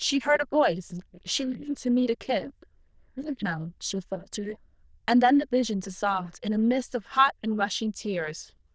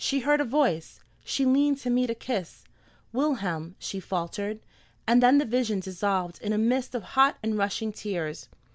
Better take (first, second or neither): second